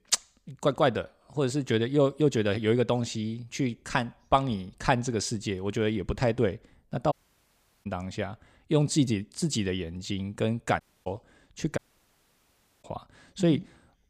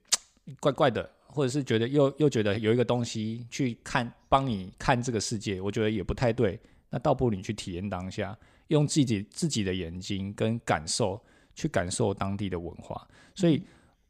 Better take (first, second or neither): second